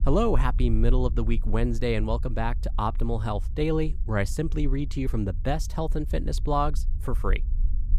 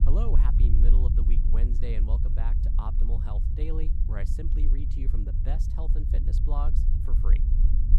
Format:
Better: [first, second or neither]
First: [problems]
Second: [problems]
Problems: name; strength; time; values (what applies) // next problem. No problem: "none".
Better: first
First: low rumble; faint; throughout; 20 dB below the speech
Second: low rumble; loud; throughout; 3 dB below the speech